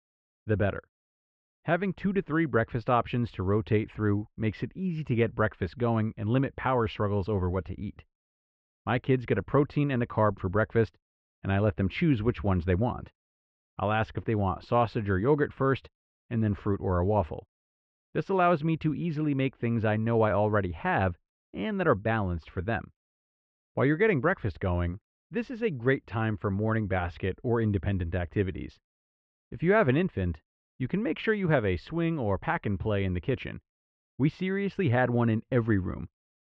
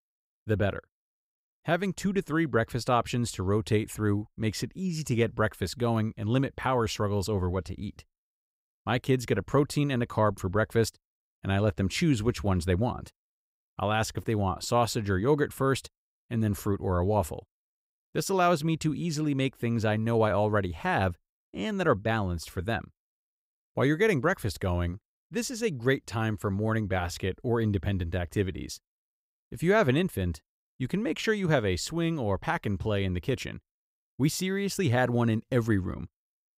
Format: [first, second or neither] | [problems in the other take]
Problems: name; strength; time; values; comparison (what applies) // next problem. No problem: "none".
second | muffled; very; fading above 3 kHz